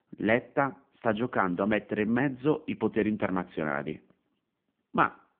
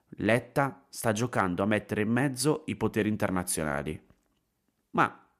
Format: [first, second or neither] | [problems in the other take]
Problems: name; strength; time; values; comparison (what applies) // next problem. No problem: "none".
second | phone-call audio; poor line